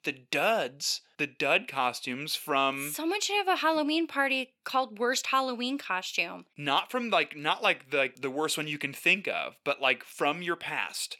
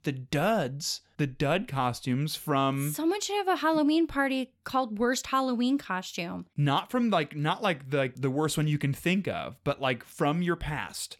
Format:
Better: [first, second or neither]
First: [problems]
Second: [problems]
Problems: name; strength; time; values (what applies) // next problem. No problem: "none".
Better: second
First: thin; somewhat; fading below 400 Hz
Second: none